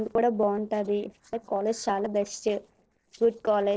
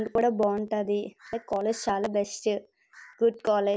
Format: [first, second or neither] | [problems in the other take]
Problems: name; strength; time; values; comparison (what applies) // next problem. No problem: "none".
second | noise reduction (neural separator model SepFormer DNS4)